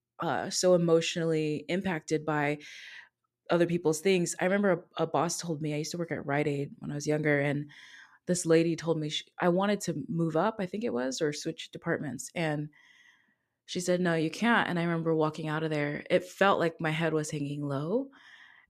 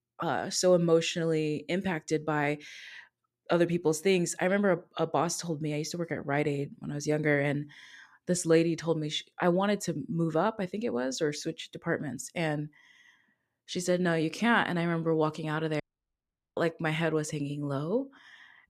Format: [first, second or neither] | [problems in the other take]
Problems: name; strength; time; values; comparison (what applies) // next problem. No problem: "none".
first | audio cutting out; at 16 s for 1 s